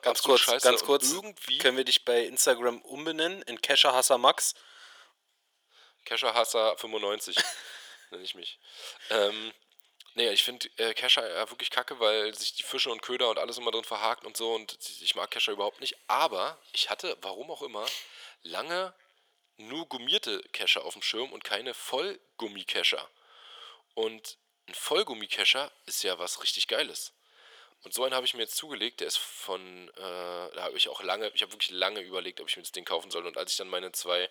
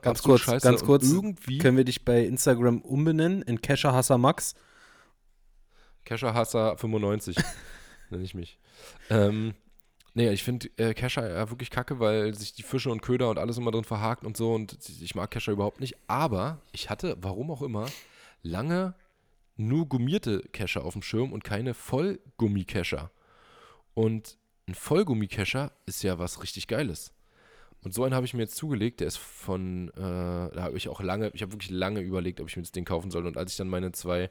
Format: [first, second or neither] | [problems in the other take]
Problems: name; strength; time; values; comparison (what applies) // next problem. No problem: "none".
second | thin; very; fading below 500 Hz